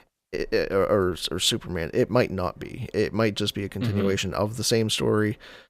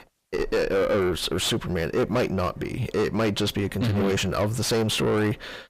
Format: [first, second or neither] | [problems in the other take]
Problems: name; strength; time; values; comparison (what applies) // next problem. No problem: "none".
first | distortion; heavy; 6 dB below the speech